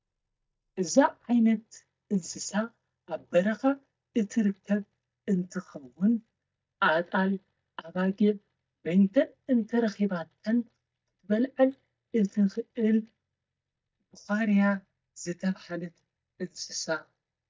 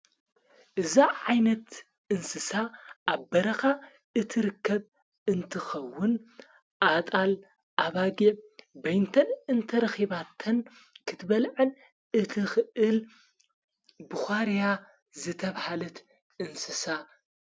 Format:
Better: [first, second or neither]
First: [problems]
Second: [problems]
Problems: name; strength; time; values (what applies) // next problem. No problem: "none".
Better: second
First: noise reduction (neural mask model DeepFilterNet 3)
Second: none